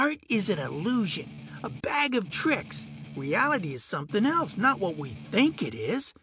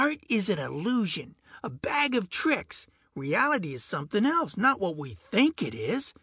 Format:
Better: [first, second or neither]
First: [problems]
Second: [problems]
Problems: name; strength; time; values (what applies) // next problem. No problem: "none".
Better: second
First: background sound (Strum); 14 dB below the speech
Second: none